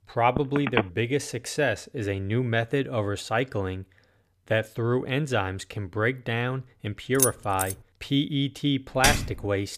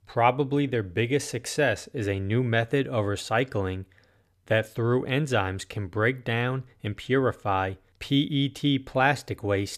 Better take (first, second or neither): second